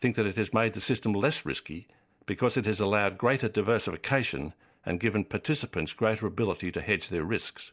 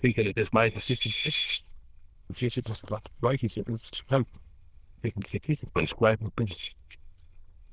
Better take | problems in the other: first | noise reduction (neural diffusion model UNIVERSE++)

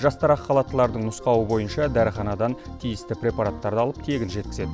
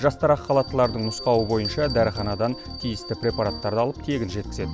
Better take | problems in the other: first | background sound (Bell); 16 dB below the speech

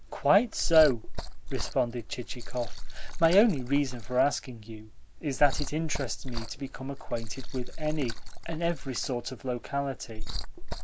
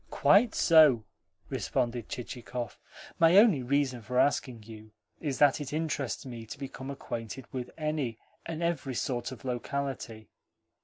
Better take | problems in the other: second | background sound (Liquid); 1 dB below the speech

